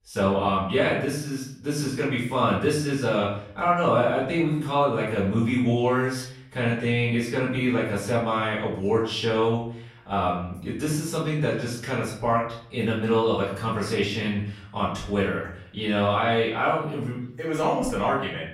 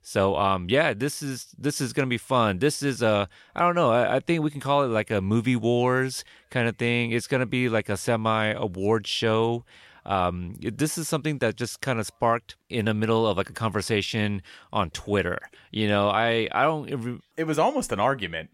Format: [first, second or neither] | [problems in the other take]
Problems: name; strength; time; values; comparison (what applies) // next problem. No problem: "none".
second | off-mic speech; far // room echo; noticeable; dies away in 0.6 s